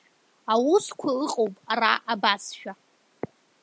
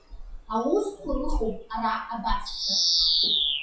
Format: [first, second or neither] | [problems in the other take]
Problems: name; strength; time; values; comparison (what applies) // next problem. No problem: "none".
first | noise reduction (classical method WPE with log-MMSE)